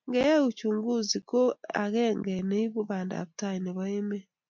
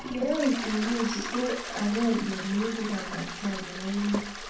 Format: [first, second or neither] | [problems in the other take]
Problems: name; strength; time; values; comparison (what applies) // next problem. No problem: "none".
first | background sound (Toilet flush); 7 dB below the speech // room echo; dies away in 0.6 s